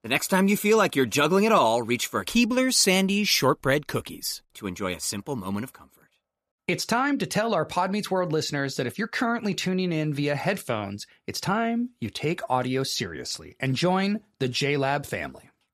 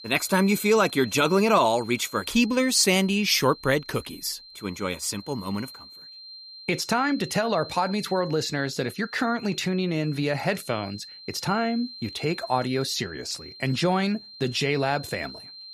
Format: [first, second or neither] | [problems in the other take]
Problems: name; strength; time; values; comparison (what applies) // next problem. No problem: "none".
first | high-pitched whine; noticeable; throughout; 4 kHz, 15 dB below the speech